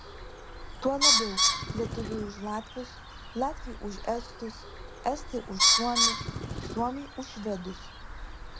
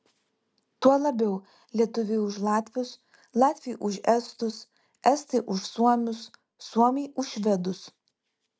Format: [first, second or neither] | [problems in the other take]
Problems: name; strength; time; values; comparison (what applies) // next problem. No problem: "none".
second | background sound (Bird); 5 dB above the speech